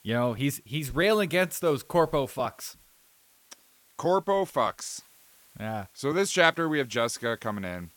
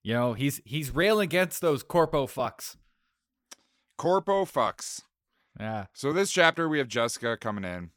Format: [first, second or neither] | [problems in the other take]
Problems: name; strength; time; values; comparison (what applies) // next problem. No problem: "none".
second | hiss; faint; throughout; 30 dB below the speech